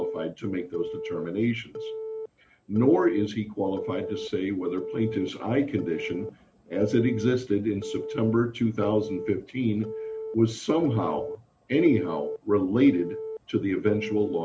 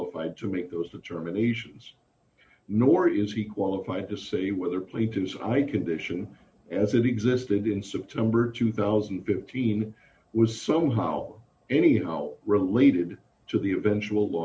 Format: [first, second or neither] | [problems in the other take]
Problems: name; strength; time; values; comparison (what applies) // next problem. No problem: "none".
second | background sound (Telephone); 10 dB below the speech